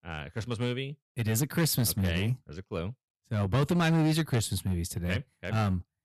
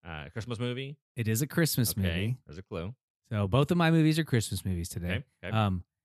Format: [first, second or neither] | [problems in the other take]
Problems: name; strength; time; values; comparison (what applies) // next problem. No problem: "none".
second | distortion; slight; 7% of the sound clipped